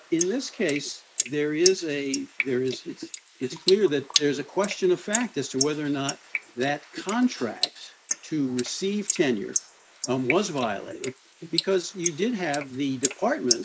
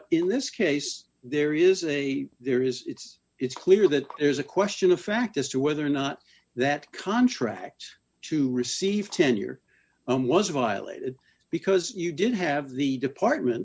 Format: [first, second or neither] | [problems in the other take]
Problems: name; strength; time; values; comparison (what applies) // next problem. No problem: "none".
second | noise reduction (neural mask model Resemble Enhance denoiser)